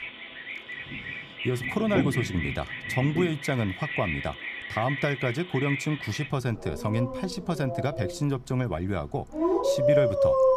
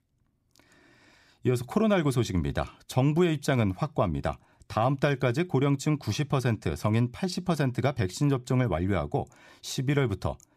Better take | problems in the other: second | animal sounds; loud; throughout; 1 dB below the speech

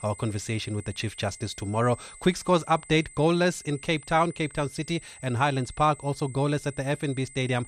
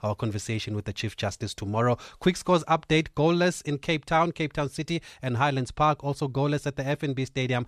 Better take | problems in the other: second | high-pitched whine; noticeable; throughout; 8 kHz, 20 dB below the speech

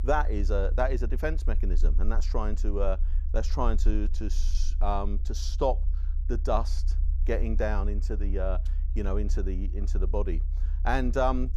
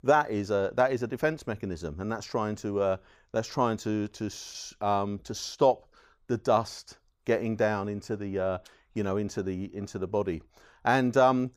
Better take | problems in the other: second | low rumble; faint; throughout; 20 dB below the speech

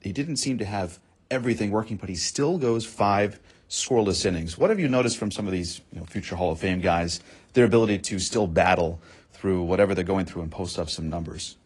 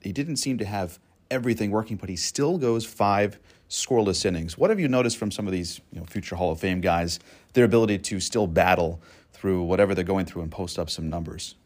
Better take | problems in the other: second | garbled, watery; slightly; nothing above 10 kHz

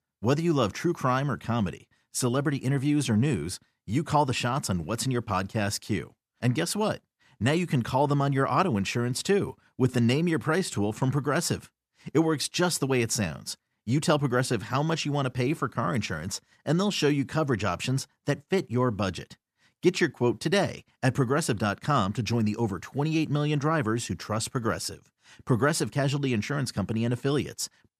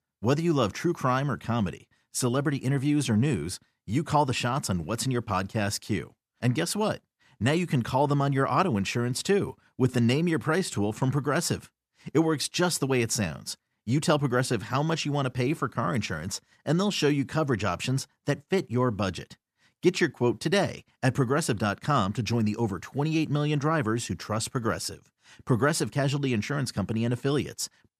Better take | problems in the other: neither | none

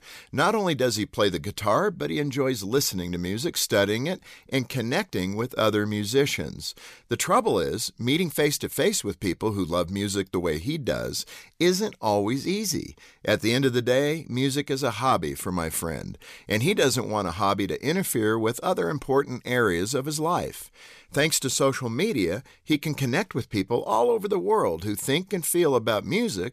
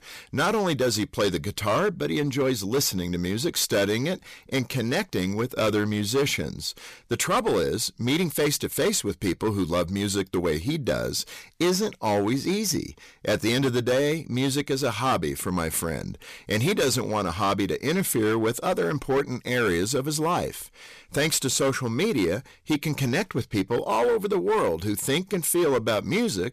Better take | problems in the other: first | distortion; slight; 10% of the sound clipped

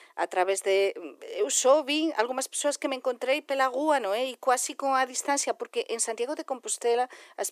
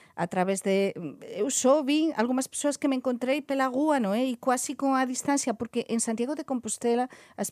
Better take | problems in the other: second | thin; somewhat; fading below 350 Hz

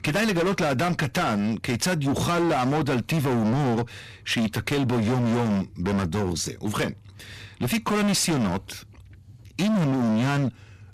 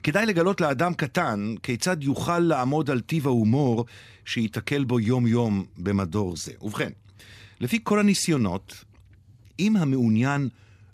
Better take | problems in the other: second | distortion; heavy; 27% of the sound clipped

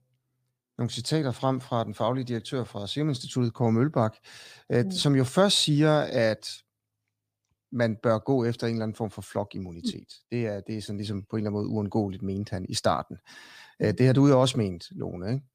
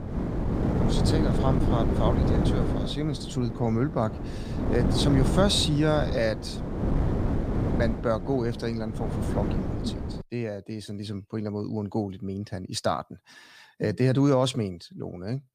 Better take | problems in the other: first | wind noise on the microphone; heavy; until 10 s; 4 dB below the speech

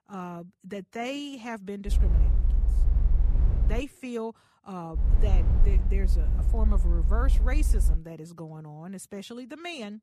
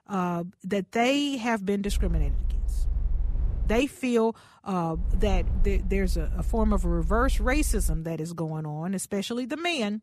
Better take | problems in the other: second | low rumble; loud; from 2 to 4 s and from 5 to 8 s; 7 dB below the speech; faint in the second

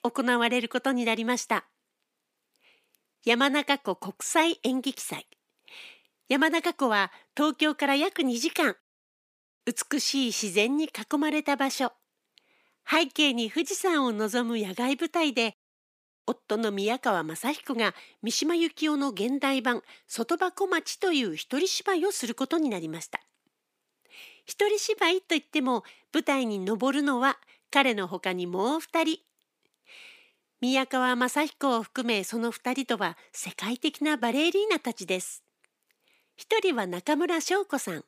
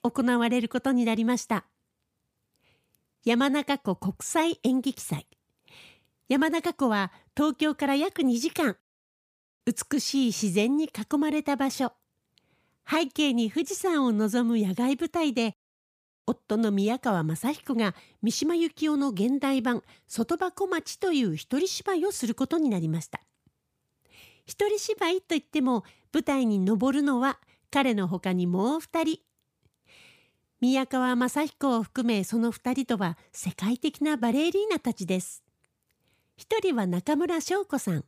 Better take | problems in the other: second | thin; very slightly; fading below 300 Hz

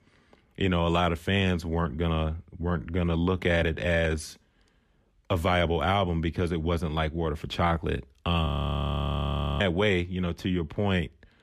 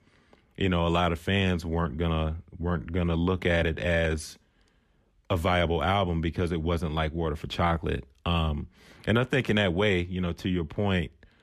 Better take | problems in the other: second | audio freezing; at 8.5 s for 1 s

